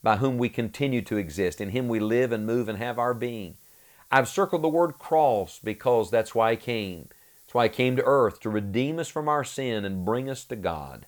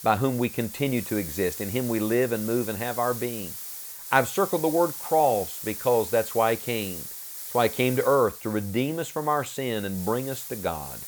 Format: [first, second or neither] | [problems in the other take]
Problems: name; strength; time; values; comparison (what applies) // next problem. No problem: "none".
first | hiss; loud; throughout; 9 dB below the speech; faint in the first